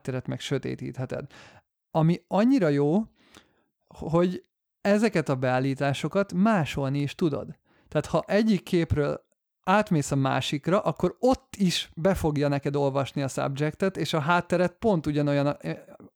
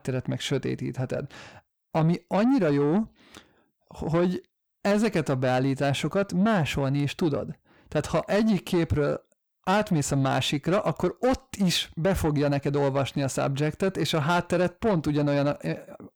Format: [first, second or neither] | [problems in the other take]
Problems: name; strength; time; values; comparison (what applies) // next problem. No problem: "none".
first | distortion; slight; 10 dB below the speech